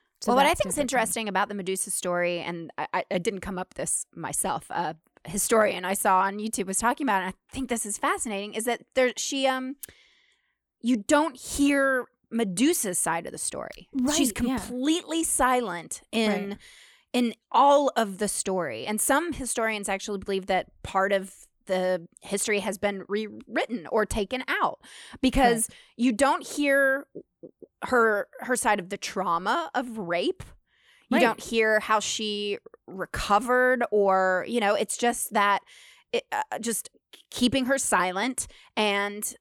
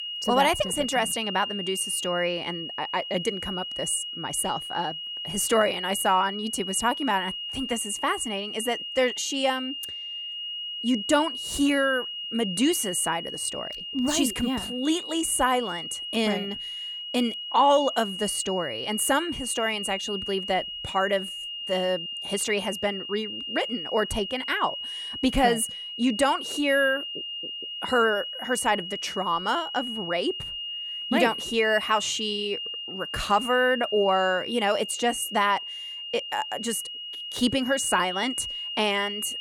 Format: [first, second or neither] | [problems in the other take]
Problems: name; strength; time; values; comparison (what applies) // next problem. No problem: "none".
first | high-pitched whine; loud; throughout; 3 kHz, 6 dB below the speech